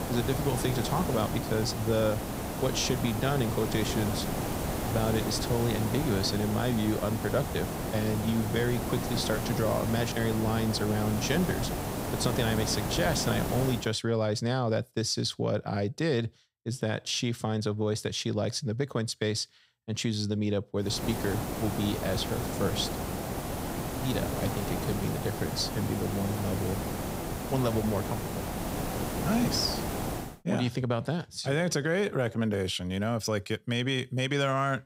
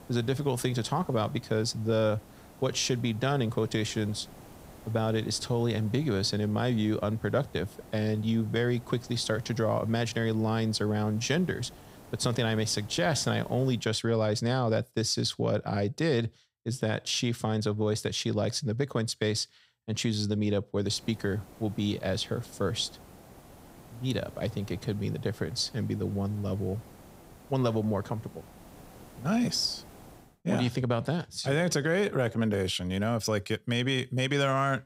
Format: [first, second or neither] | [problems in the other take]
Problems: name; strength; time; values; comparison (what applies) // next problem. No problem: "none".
second | hiss; loud; until 14 s and from 21 to 30 s; 3 dB below the speech; faint in the second